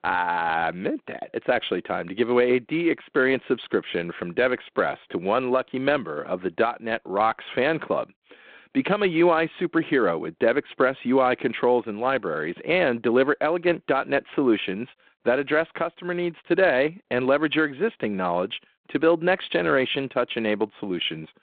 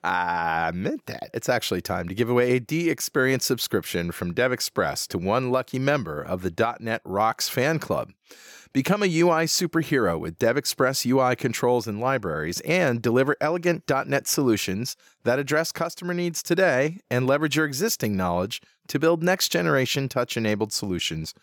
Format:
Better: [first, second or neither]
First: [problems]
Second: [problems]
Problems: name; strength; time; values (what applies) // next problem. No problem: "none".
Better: second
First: phone-call audio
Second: none